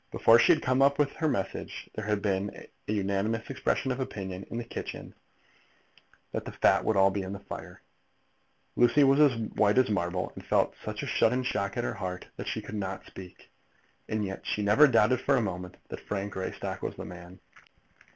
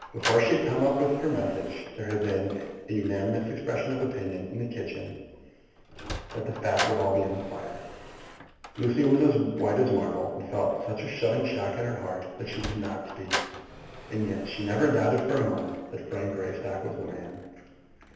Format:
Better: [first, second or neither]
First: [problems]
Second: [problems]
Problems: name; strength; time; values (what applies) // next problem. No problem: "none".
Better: first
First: none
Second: background sound (Sliding door); 12 dB below the speech // room echo; dies away in 1.1 s